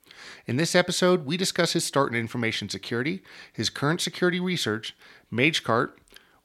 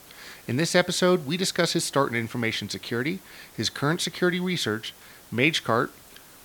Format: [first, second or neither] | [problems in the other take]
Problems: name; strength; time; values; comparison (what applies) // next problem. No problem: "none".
first | hiss; faint; throughout; 25 dB below the speech